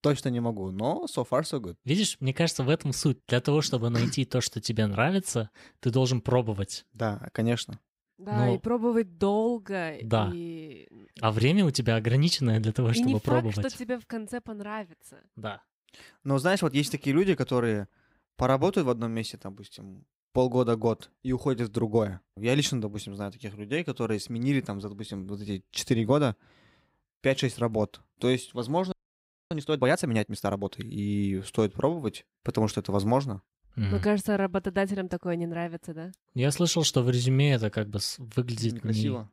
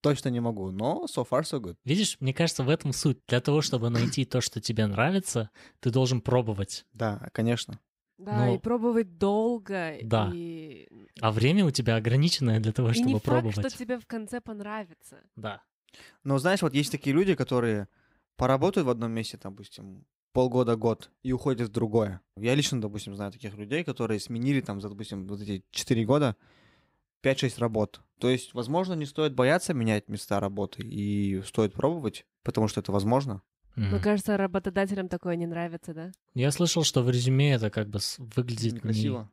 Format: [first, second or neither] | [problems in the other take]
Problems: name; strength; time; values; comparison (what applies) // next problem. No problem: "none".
second | audio freezing; at 29 s for 0.5 s